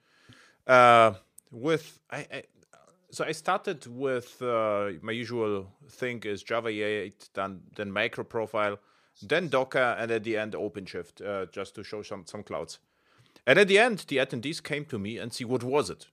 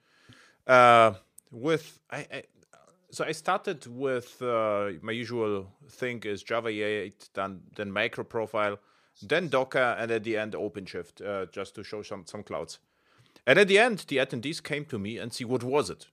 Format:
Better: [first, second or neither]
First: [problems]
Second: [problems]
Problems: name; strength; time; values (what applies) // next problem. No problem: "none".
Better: neither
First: none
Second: none